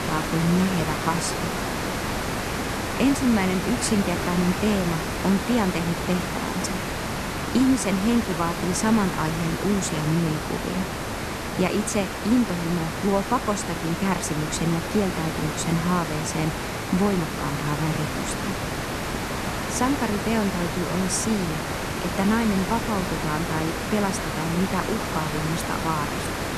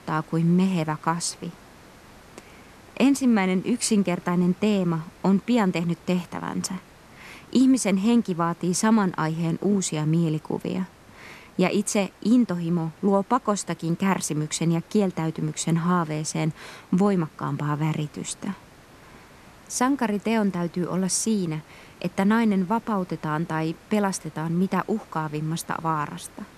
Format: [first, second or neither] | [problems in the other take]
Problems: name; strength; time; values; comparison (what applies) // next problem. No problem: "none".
second | hiss; loud; throughout; 3 dB below the speech; faint in the second